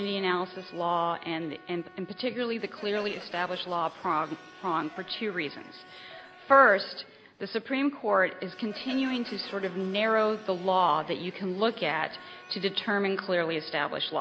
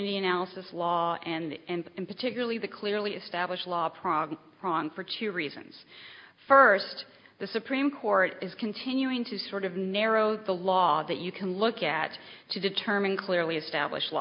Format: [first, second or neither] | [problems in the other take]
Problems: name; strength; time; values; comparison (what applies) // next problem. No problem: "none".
second | background sound (Crowd + Trumpet); 20 dB below the speech